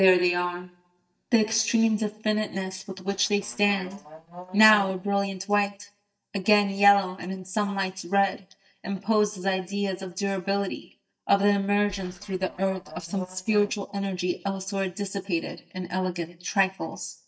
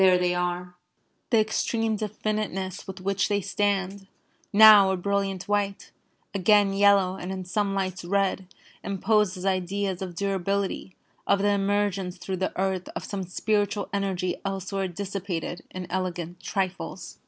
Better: second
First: noise reduction (neural mask model DeepFilterNet 3)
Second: none

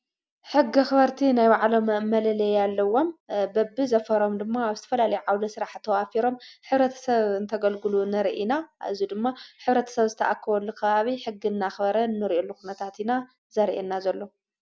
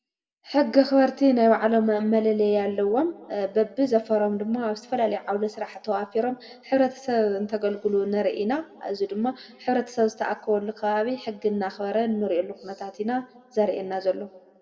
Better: first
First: none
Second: room echo; dies away in 0.9 s

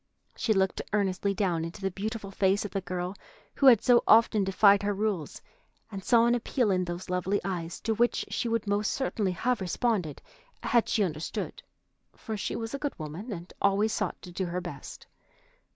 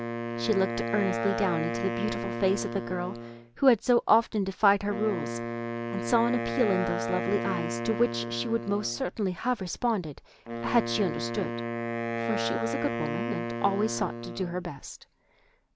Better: first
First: none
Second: background sound (Wind instrument, woodwind instrument); 4 dB below the speech

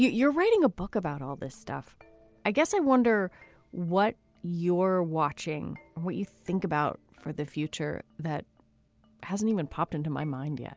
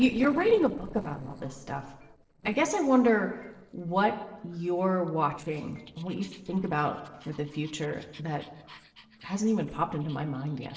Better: first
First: none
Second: noise reduction (neural separator model SepFormer DNS4)

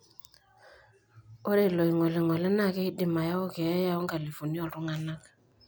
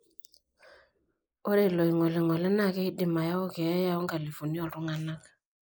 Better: first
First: none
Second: noise reduction (neural mask model Resemble Enhance denoiser)

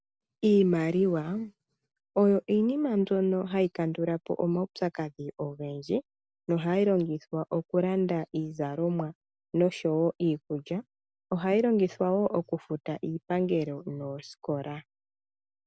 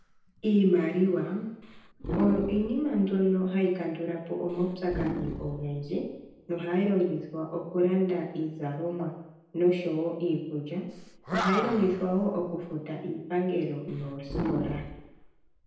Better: first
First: none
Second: background sound (Animal); 10 dB below the speech // room echo; dies away in 0.9 s

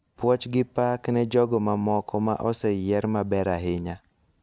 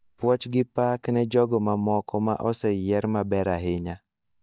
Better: first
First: none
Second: noise reduction (neural mask model DeepFilterNet 3)

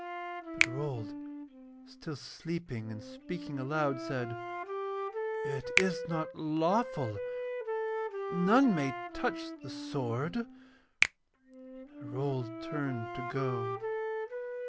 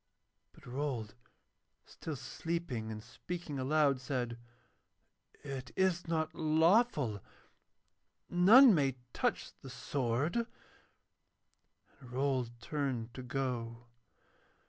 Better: second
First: background sound (Wind instrument, woodwind instrument + Finger snapping); 2 dB below the speech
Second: none

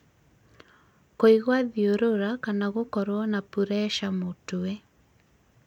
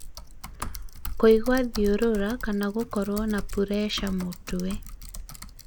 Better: first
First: none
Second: background sound (Typing); 7 dB below the speech

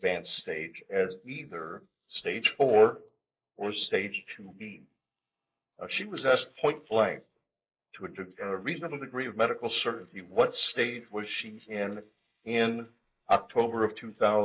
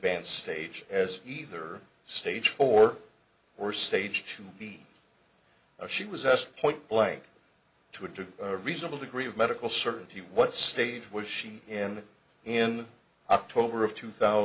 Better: second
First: noise reduction (neural mask model Resemble Enhance denoiser)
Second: none

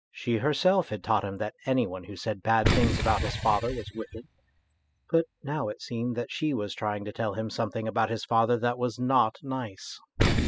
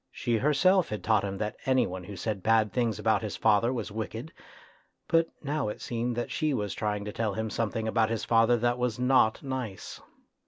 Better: second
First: noise reduction (classical method spectral subtraction)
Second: none

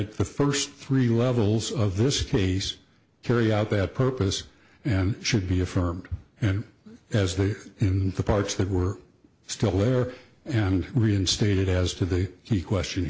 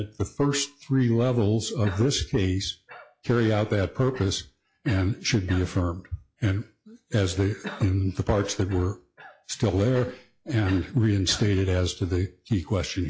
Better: first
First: none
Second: noise reduction (classical method log-MMSE)

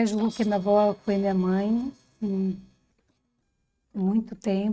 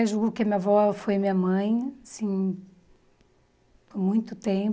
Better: second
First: noise reduction (neural mask model RNNoise)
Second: none

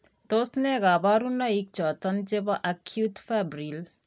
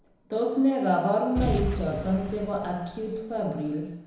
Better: first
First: none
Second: background sound (Boom); 8 dB below the speech // room echo; dies away in 1 s

